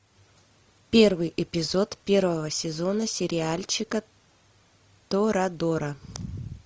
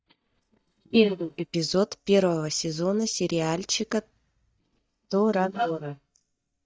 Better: first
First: none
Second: noise reduction (neural mask model DeepFilterNet 3)

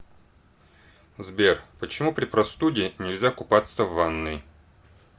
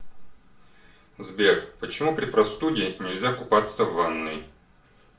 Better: first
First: none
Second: room echo; dies away in 0.4 s

